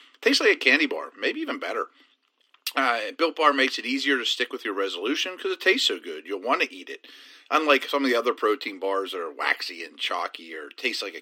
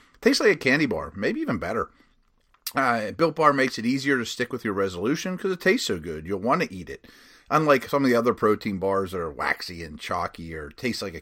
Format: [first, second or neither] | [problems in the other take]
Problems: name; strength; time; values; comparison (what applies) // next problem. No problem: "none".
second | thin; very slightly; fading below 250 Hz